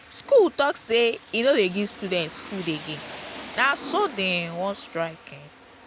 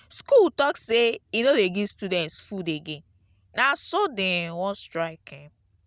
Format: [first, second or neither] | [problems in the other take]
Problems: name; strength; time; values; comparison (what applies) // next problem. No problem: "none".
second | background sound (Rain); 16 dB below the speech